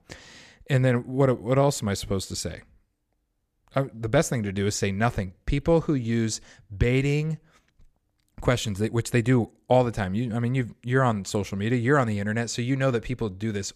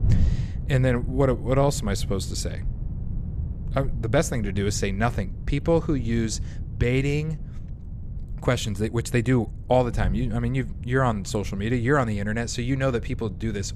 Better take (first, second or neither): first